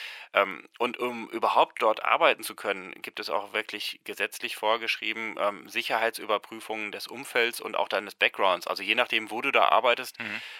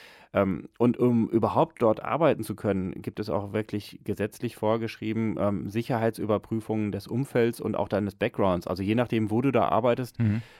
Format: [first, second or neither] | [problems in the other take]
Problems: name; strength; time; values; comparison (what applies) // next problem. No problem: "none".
second | thin; very; fading below 850 Hz